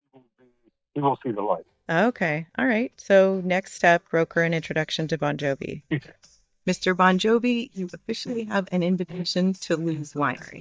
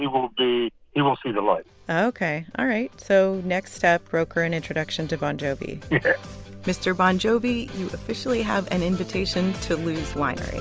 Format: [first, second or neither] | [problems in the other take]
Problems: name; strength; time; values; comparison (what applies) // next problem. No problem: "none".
second | noise reduction (neural mask model DeepFilterNet 3)